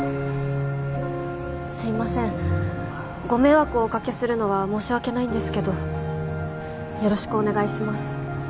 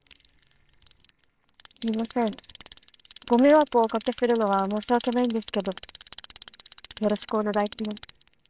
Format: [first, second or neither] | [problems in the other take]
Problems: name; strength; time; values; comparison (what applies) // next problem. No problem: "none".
first | noise reduction (neural separator model SepFormer WHAMR!)